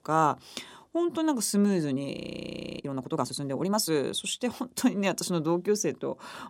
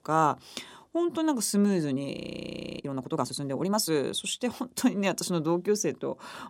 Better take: neither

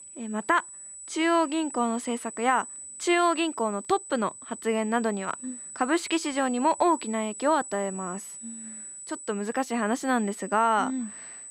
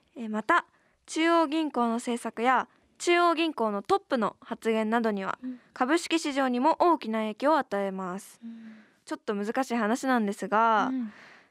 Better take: second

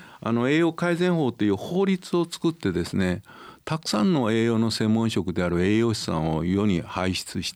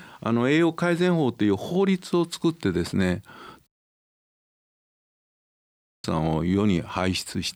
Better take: first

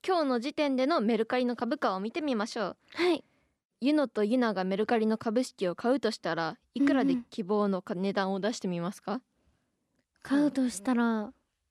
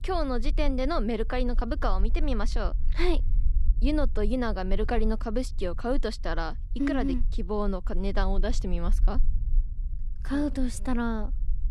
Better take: first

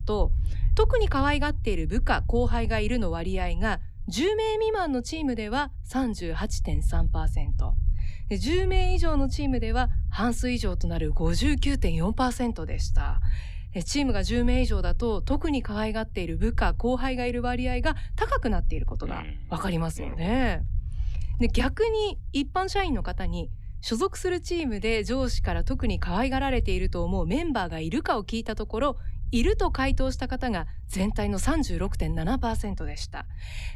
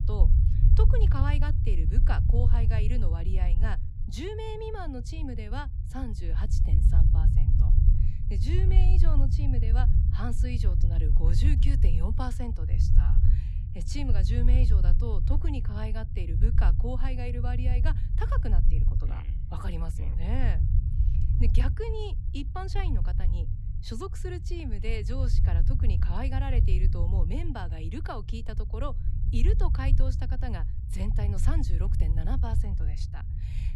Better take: first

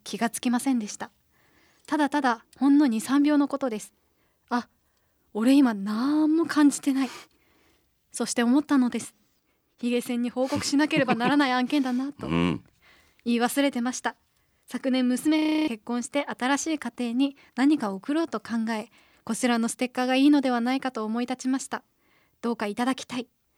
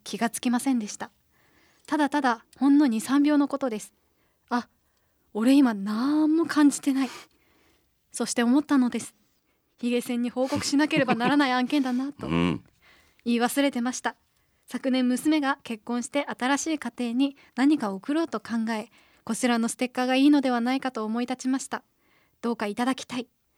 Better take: second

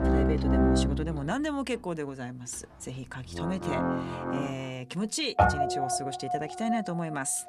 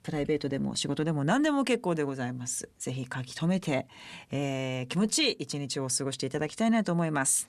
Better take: second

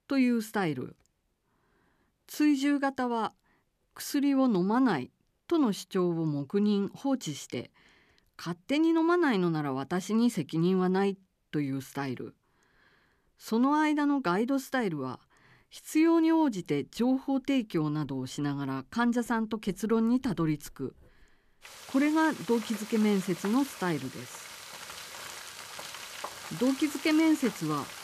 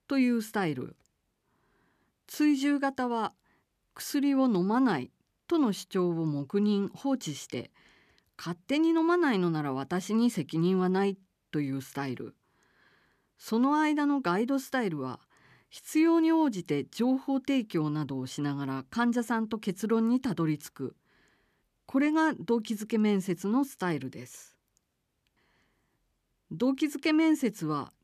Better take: second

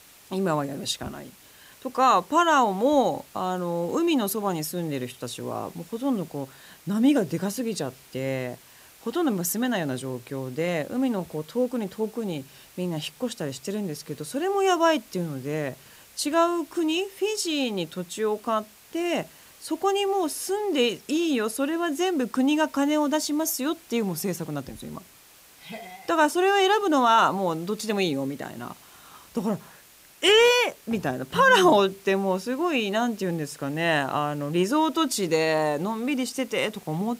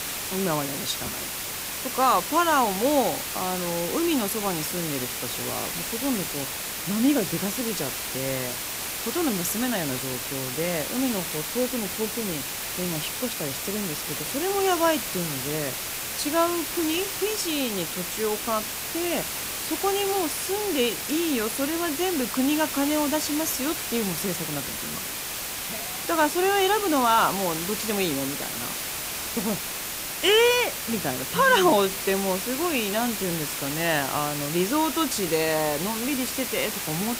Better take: first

